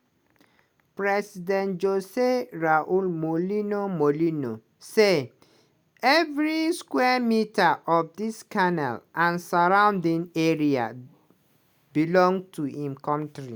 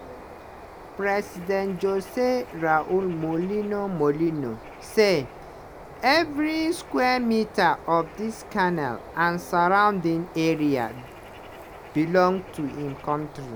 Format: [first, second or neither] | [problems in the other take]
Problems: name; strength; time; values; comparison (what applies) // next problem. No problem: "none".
first | background sound (Bird); 17 dB below the speech